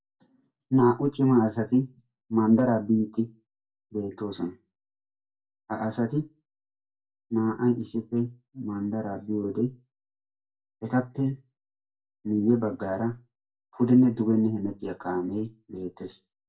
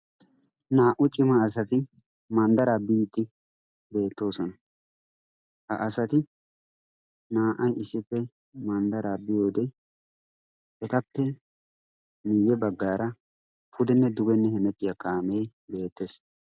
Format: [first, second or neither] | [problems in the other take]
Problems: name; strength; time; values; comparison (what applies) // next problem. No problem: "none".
second | room echo; dies away in 0.2 s